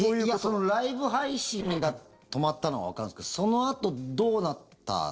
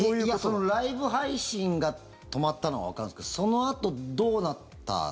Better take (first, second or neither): second